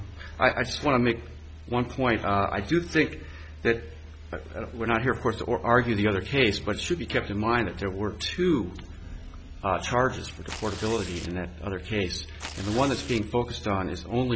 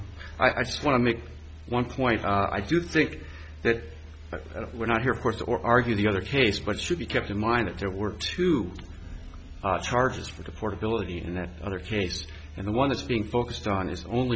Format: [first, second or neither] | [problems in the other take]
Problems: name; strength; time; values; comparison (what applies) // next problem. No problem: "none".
second | background sound (Tearing); 15 dB below the speech